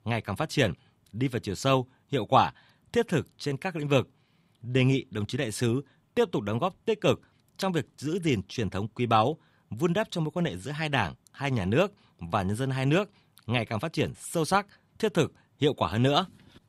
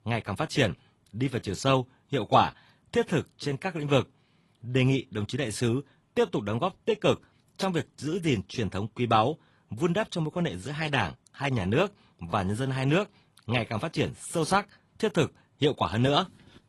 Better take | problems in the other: first | garbled, watery; slightly; nothing above 11 kHz

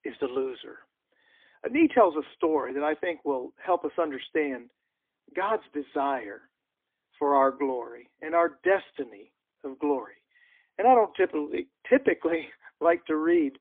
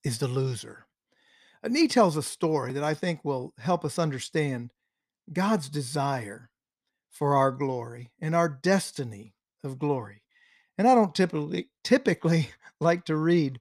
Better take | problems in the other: second | phone-call audio; poor line; nothing above 3.5 kHz

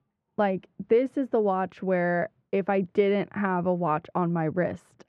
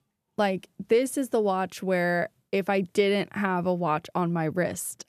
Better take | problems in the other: second | muffled; very; fading above 2 kHz

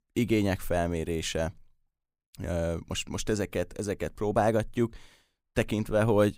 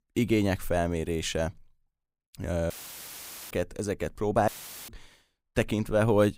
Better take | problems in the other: first | audio cutting out; filled with static; at 2.5 s for 1 s and at 4.5 s

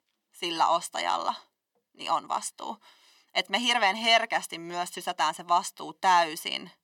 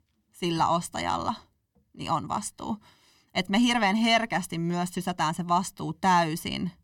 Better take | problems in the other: second | thin; very; fading below 550 Hz

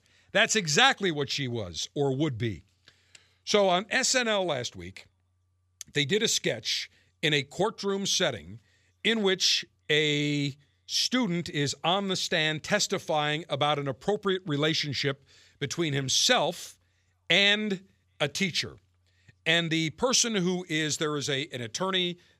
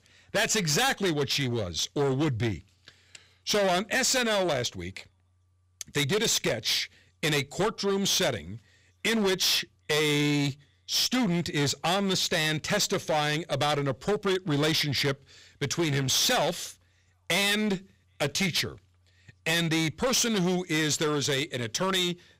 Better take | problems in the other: first | distortion; heavy; 15% of the sound clipped

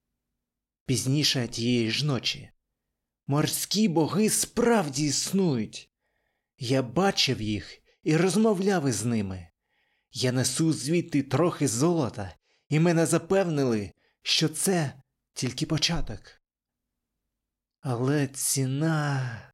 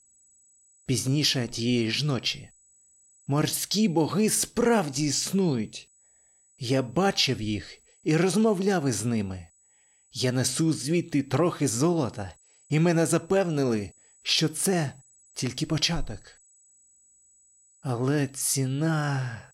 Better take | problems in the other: first | high-pitched whine; faint; throughout; 8 kHz, 30 dB below the speech

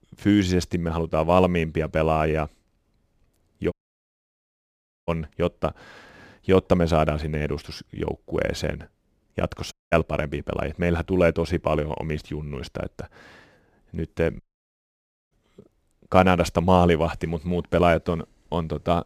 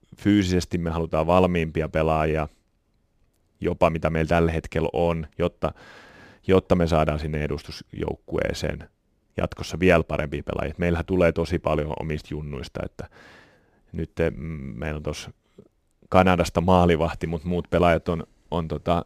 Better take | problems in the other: second | audio cutting out; at 3.5 s for 1.5 s, at 9.5 s and at 14 s for 1 s

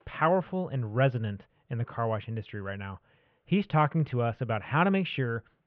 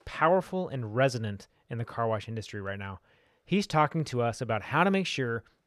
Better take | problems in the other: second | muffled; very; fading above 3 kHz

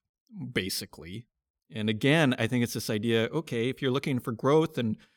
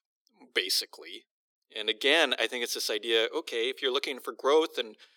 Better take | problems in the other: first | thin; very; fading below 350 Hz

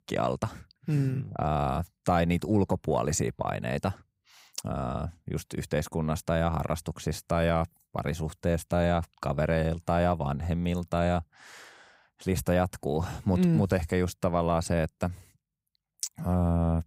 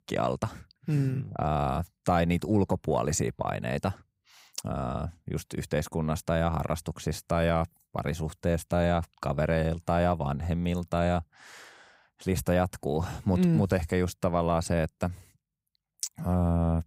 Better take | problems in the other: neither | none

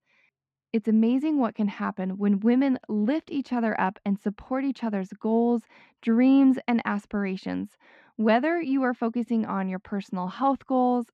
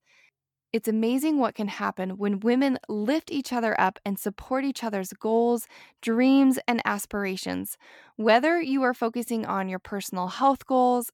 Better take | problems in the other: second | muffled; slightly; fading above 3 kHz

